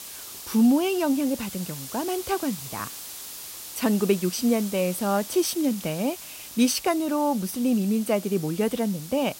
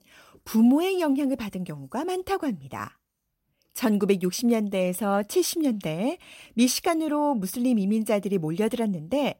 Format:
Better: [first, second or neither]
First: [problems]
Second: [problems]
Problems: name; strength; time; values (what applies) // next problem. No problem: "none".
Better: second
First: hiss; noticeable; throughout; 10 dB below the speech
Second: none